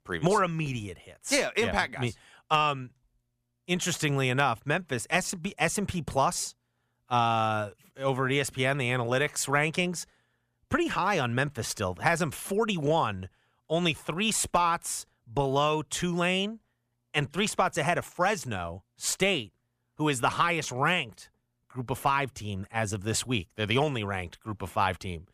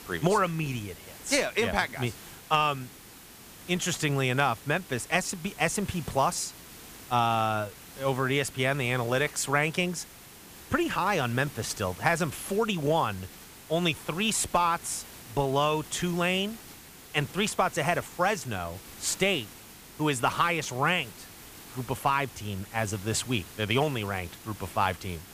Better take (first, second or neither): first